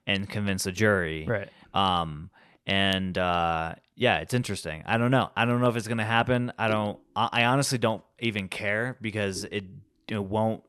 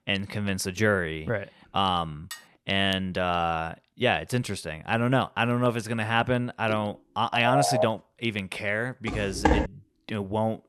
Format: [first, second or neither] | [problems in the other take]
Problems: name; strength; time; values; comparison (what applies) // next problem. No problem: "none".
first | clattering dishes; faint; at 2.5 s; peak 15 dB below the speech // phone ringing; loud; at 7.5 s; peak 2 dB above the speech // footsteps; loud; at 9 s; peak 3 dB above the speech